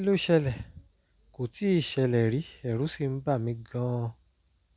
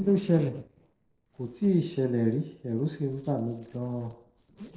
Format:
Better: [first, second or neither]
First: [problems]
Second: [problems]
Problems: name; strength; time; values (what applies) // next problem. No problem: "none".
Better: first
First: none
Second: noise reduction (neural separator model SepFormer DNS4)